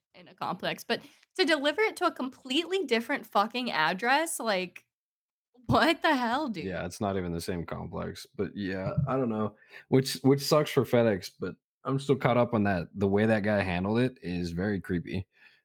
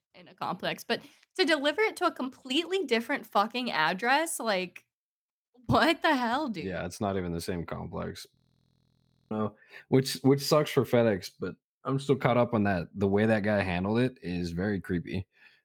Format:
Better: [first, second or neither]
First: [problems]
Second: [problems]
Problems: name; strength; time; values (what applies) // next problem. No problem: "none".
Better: first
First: none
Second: audio freezing; at 8.5 s for 1 s